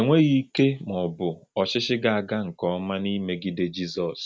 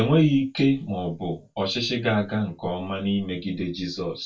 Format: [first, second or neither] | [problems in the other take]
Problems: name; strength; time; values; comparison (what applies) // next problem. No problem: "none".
first | room echo; dies away in 0.2 s